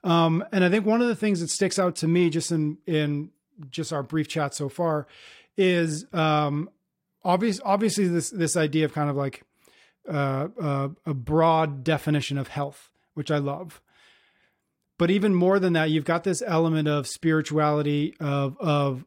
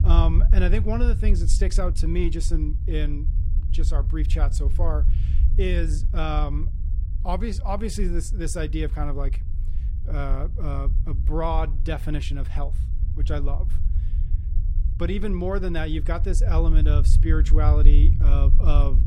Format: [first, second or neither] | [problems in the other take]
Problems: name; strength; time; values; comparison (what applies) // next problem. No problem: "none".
first | low rumble; noticeable; throughout; 10 dB below the speech